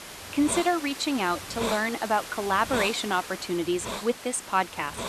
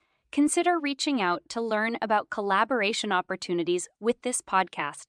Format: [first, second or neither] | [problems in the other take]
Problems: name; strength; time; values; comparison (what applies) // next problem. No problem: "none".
second | hiss; loud; throughout; 8 dB below the speech